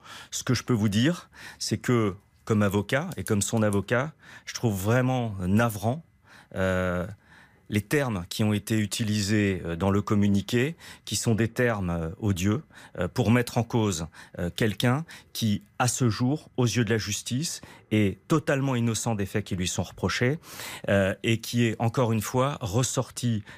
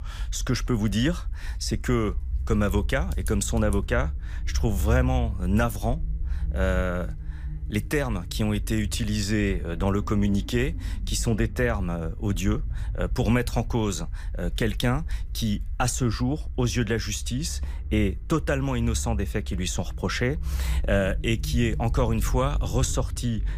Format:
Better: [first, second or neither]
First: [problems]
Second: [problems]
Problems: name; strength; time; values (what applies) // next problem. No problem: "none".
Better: first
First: none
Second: low rumble; faint; throughout; 20 dB below the speech